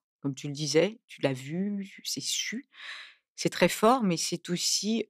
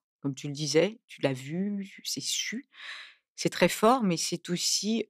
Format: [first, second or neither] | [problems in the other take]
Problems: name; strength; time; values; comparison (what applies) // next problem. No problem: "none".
neither | none